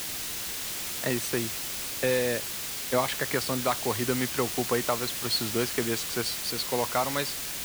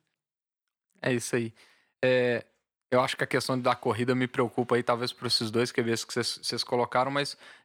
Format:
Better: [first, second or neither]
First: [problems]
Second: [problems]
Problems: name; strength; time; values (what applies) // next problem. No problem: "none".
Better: second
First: hiss; loud; throughout; 1 dB below the speech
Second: none